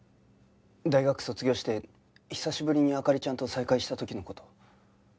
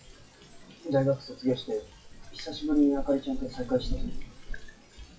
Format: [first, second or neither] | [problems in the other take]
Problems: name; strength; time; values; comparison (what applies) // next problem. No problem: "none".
first | noise reduction (classical method WPE with log-MMSE)